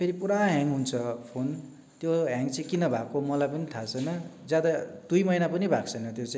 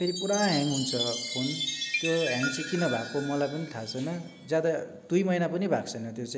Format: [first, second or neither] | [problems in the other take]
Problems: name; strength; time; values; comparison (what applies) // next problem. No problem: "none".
first | background sound (Chime); 7 dB below the speech